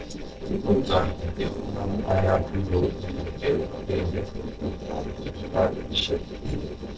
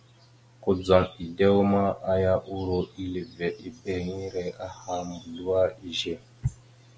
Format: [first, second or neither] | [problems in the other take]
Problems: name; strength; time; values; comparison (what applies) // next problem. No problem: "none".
second | noise reduction (neural separator model SepFormer DNS4)